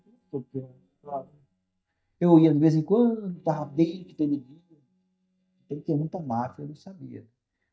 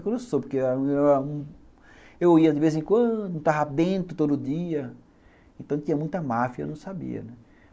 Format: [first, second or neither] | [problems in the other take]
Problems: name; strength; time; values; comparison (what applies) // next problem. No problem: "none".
second | noise reduction (neural mask model DeepFilterNet 3)